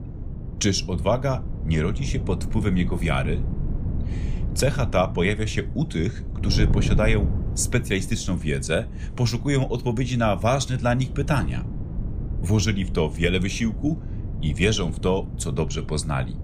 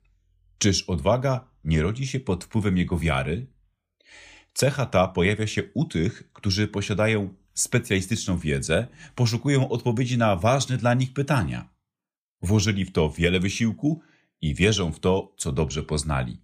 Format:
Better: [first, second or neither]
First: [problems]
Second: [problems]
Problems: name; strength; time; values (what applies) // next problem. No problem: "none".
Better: second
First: wind noise on the microphone; occasional gusts; 15 dB below the speech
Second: none